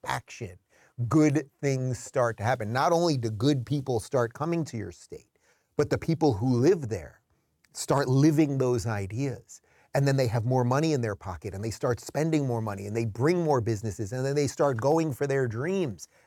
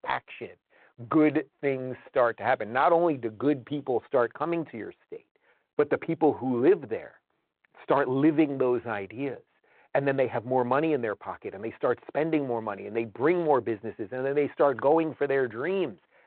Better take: first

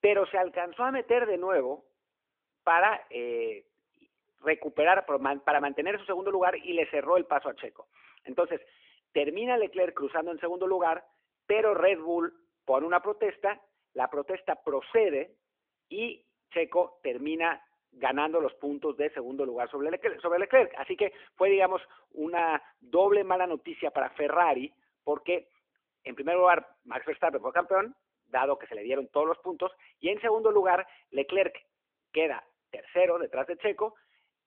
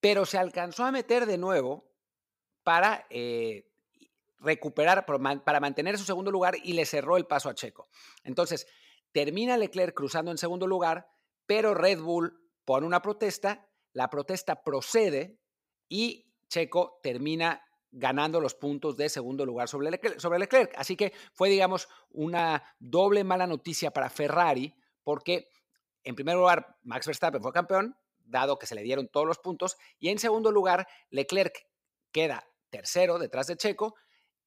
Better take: second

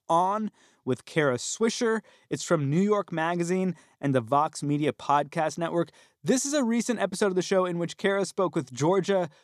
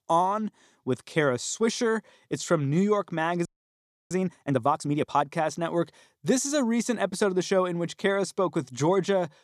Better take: first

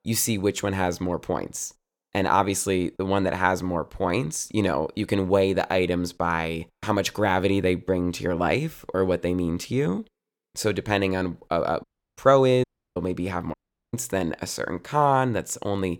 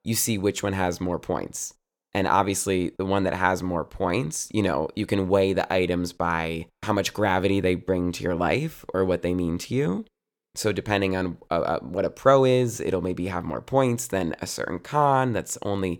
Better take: second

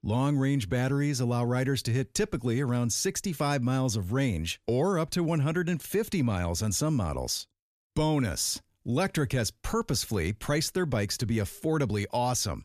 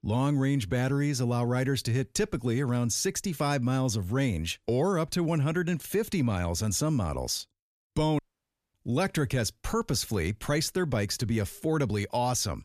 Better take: first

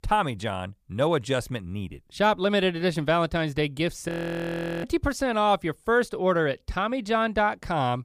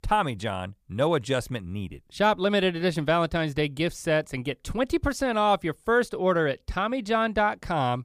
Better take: second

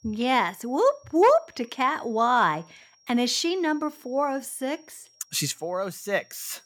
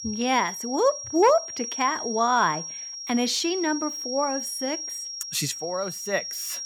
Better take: first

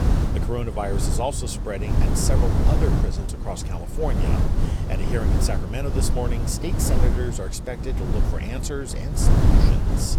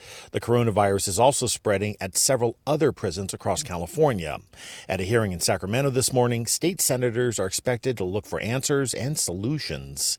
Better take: second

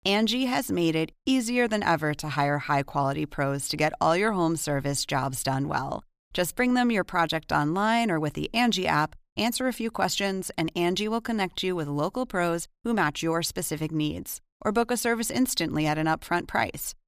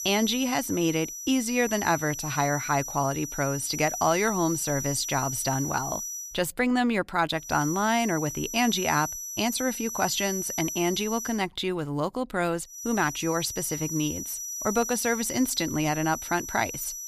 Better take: first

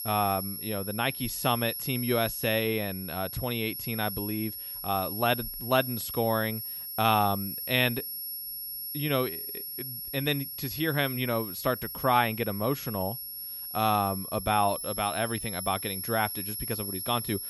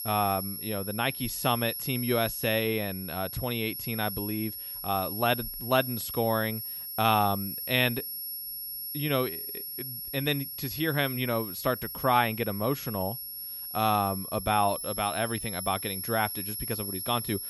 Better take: neither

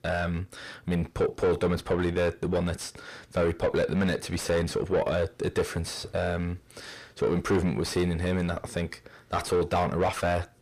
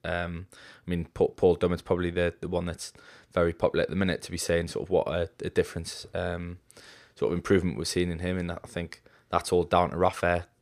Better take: second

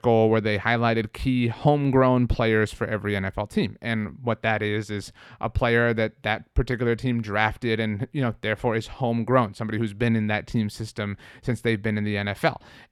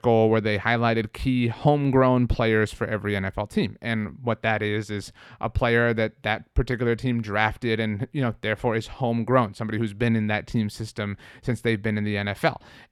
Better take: neither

